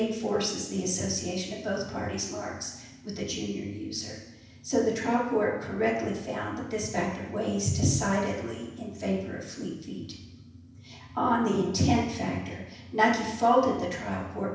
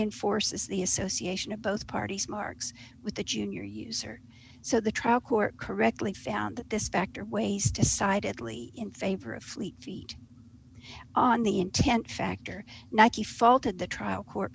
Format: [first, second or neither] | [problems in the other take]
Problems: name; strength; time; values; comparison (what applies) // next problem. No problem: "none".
second | room echo; dies away in 0.9 s